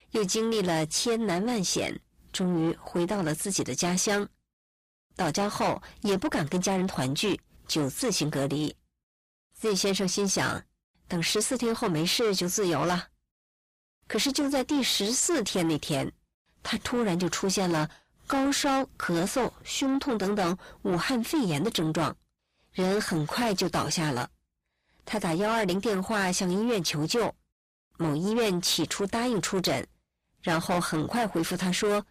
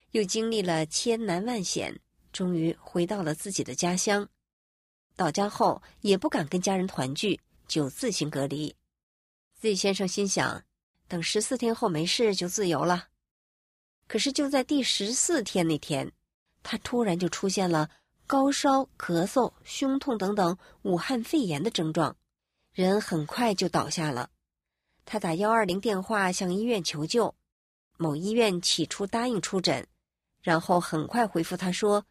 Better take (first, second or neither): second